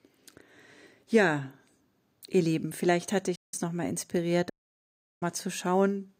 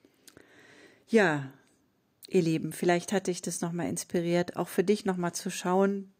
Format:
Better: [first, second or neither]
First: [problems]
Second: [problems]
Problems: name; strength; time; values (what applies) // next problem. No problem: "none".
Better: second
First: audio cutting out; at 3.5 s and at 4.5 s for 0.5 s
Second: none